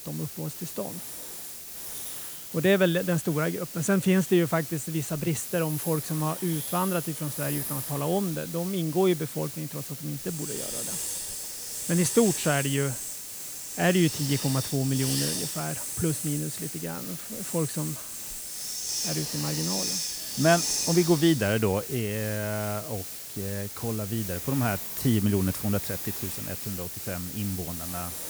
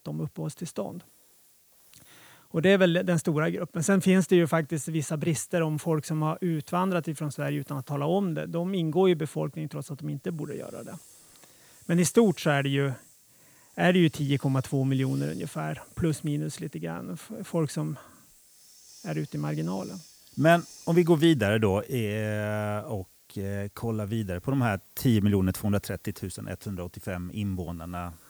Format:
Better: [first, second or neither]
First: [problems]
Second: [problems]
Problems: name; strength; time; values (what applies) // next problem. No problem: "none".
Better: second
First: hiss; loud; throughout; 4 dB below the speech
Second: hiss; faint; throughout; 25 dB below the speech